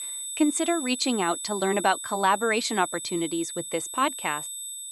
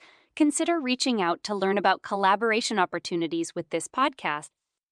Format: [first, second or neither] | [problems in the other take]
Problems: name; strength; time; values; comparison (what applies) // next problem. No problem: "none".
second | high-pitched whine; loud; throughout; 8 kHz, 7 dB below the speech